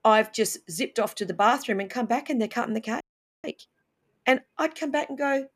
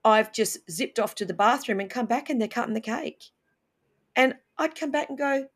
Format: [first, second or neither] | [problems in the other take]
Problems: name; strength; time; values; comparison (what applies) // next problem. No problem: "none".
second | audio freezing; at 3 s